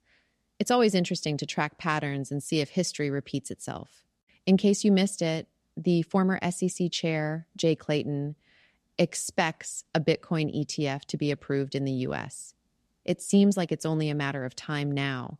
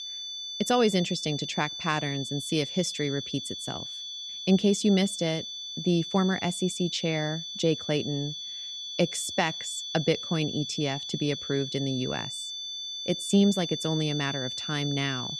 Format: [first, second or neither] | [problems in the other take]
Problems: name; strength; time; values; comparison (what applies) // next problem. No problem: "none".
first | high-pitched whine; loud; throughout; 3.5 kHz, 6 dB below the speech